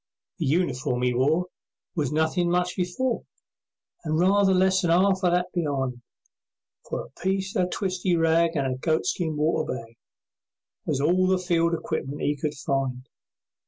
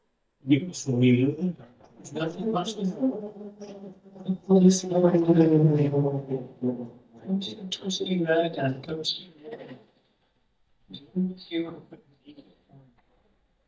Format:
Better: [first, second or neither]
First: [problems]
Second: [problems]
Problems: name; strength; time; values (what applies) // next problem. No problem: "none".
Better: first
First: none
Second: noise reduction (neural mask model DeepFilterNet 3)